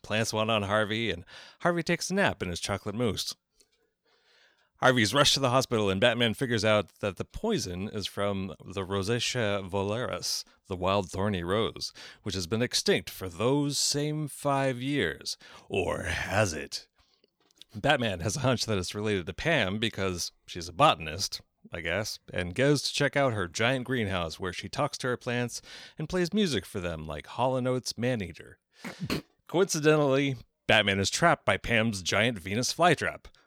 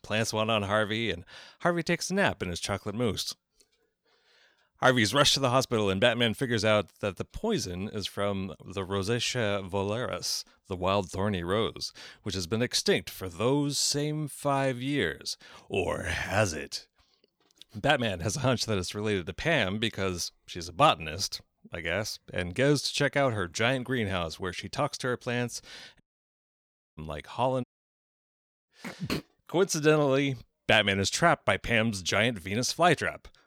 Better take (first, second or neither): first